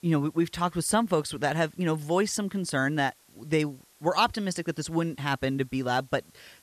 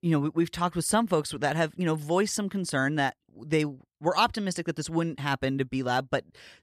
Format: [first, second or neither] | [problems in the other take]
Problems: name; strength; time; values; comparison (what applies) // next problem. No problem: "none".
second | hiss; faint; throughout; 30 dB below the speech